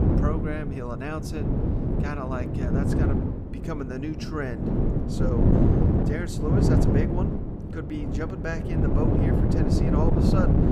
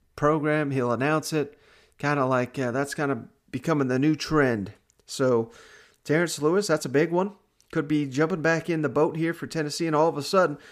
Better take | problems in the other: second | wind noise on the microphone; heavy; 3 dB above the speech

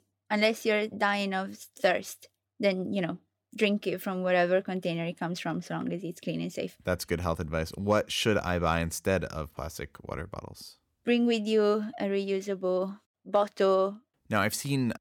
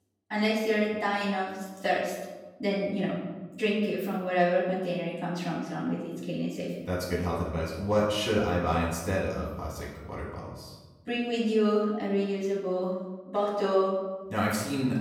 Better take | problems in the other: first | room echo; noticeable; dies away in 1.1 s // off-mic speech; far

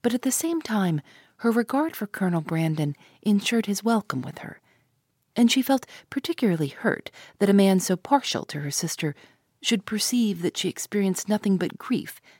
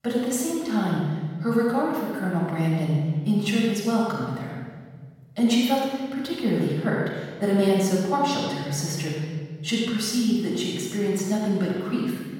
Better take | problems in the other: first | off-mic speech; far // room echo; strong; dies away in 1.6 s

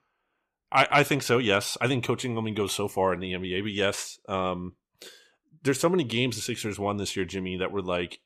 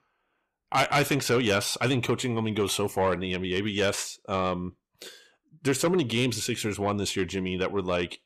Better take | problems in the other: first | distortion; slight; 10 dB below the speech

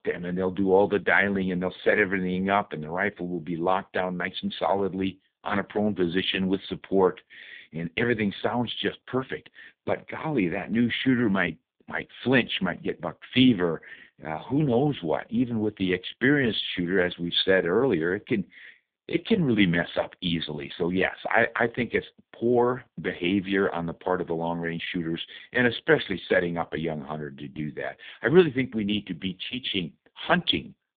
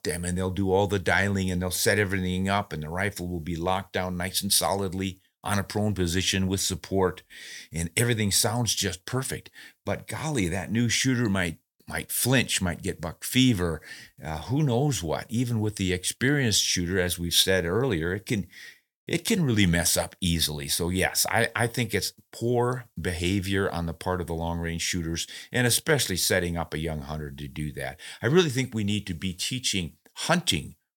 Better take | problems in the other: second | phone-call audio; poor line; nothing above 3.5 kHz

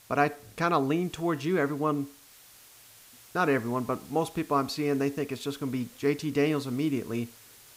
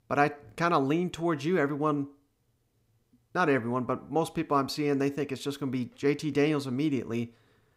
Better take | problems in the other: second | hiss; faint; throughout; 20 dB below the speech

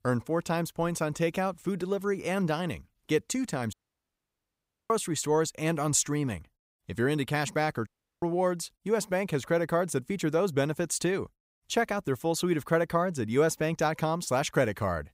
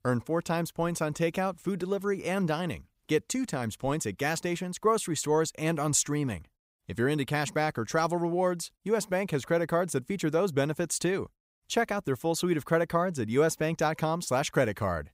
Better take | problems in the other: second | audio cutting out; at 3.5 s for 1 s and at 8 s

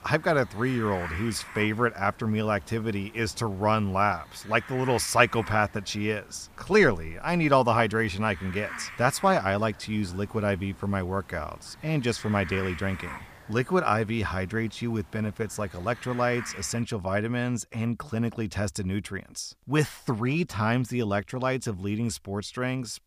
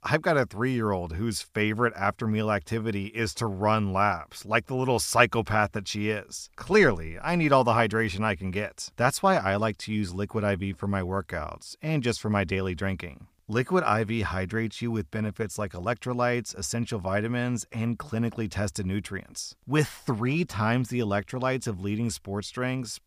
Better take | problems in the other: second | hiss; noticeable; until 17 s; 15 dB below the speech

